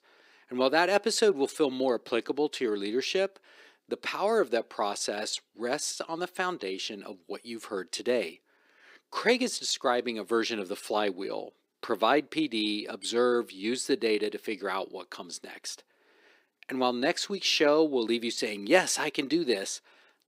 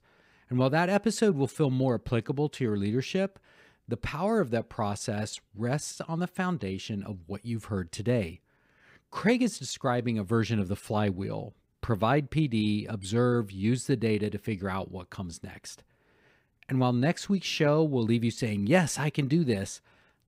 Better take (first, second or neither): second